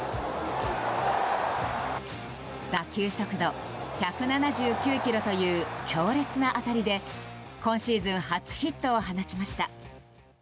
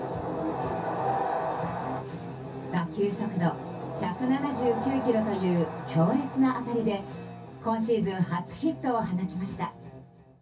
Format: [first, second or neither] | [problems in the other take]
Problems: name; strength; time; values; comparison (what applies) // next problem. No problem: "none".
first | room echo; dies away in 0.3 s